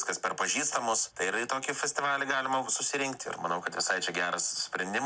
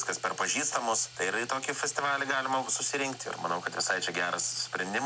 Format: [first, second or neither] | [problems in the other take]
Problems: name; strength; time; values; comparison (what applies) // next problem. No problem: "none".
first | background sound (Domestic sounds, home sounds); 18 dB below the speech